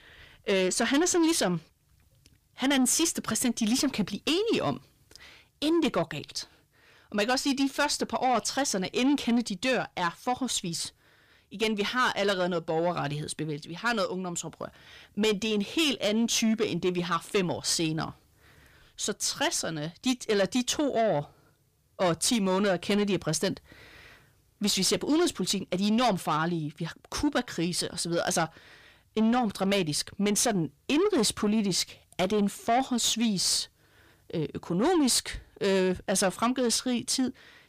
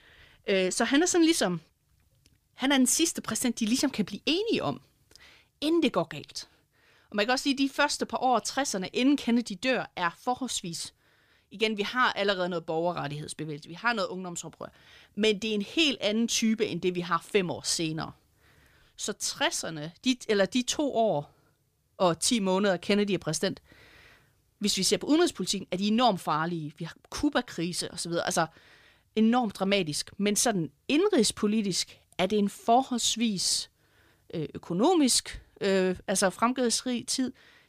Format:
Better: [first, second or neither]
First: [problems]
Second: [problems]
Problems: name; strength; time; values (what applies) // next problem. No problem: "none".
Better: second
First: distortion; slight; 10 dB below the speech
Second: none